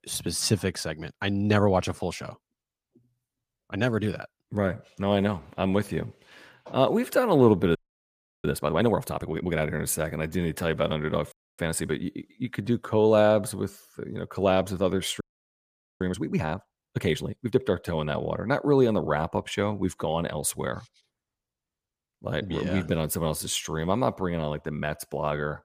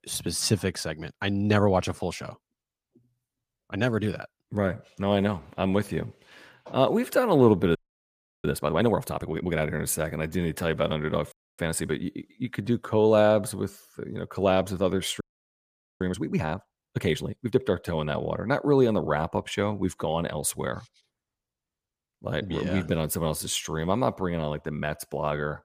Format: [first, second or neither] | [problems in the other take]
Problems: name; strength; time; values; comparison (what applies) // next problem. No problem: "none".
neither | audio freezing; at 8 s for 0.5 s, at 11 s and at 15 s for 1 s; the same in both